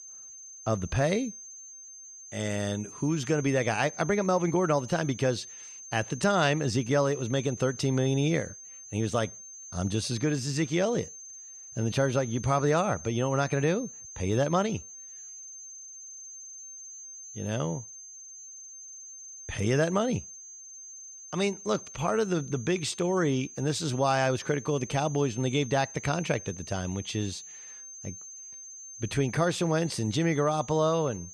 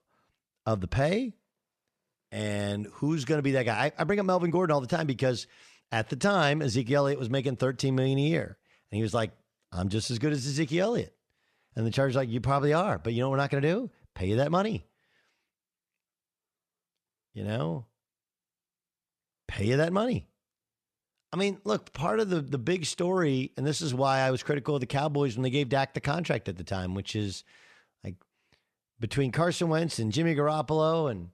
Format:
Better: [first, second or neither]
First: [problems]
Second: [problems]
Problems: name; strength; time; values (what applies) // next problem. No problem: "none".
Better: second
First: high-pitched whine; noticeable; throughout; 6.5 kHz, 15 dB below the speech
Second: none